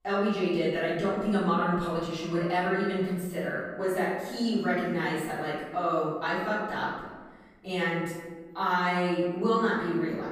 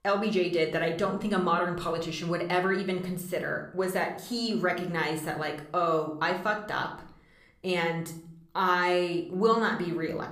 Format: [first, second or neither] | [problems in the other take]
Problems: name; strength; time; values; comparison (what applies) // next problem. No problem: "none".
second | room echo; strong; dies away in 1.3 s; slight in the second // off-mic speech; far